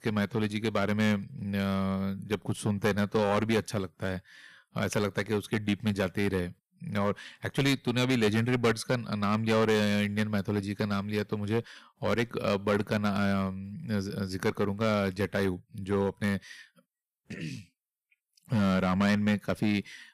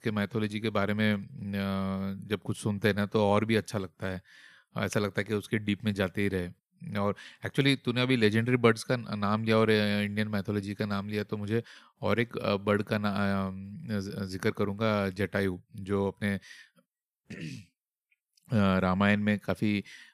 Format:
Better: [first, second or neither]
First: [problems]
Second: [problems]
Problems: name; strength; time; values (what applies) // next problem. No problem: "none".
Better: second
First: distortion; slight; 4% of the sound clipped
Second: none